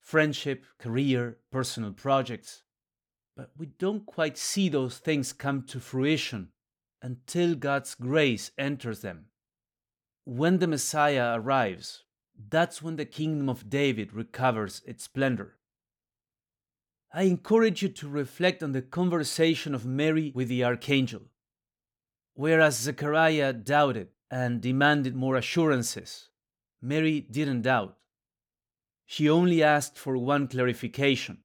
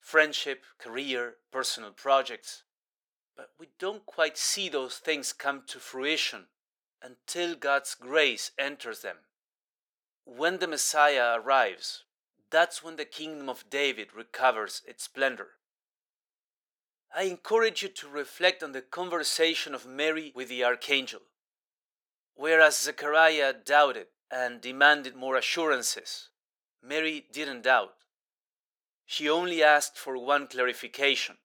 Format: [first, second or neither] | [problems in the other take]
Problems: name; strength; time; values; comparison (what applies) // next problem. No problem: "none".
first | thin; very; fading below 500 Hz